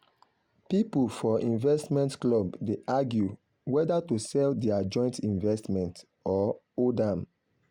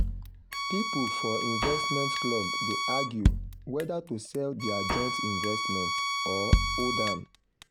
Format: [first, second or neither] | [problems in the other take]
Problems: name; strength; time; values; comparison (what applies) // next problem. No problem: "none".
first | background sound (Bowed string instrument + Drum kit); 4 dB above the speech